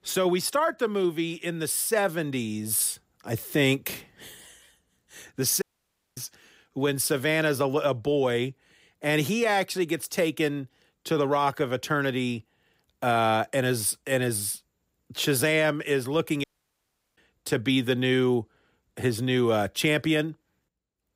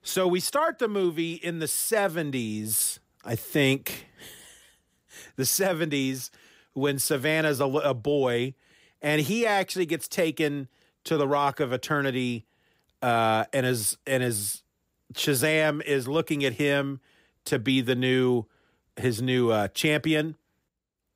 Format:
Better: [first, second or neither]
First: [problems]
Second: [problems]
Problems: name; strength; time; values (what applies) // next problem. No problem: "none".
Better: second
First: audio cutting out; at 5.5 s for 0.5 s and at 16 s for 0.5 s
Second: none